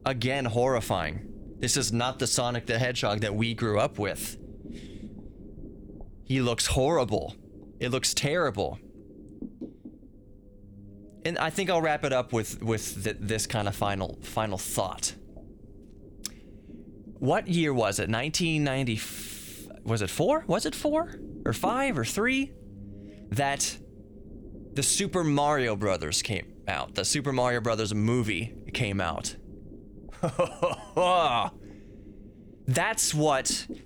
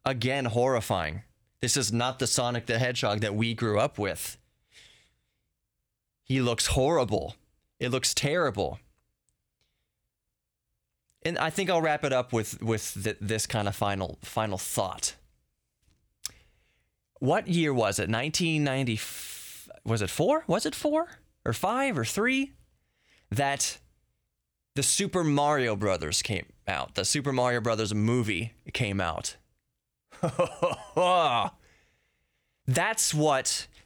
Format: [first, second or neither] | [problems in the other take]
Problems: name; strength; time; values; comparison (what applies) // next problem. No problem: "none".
second | low rumble; faint; throughout; 25 dB below the speech